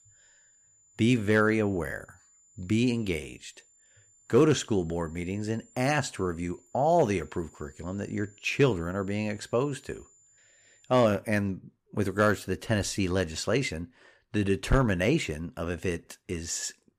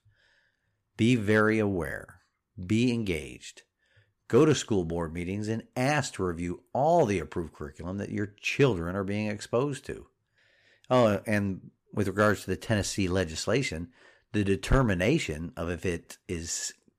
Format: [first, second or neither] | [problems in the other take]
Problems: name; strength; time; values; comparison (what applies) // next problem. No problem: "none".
second | high-pitched whine; faint; until 11 s; 7 kHz, 30 dB below the speech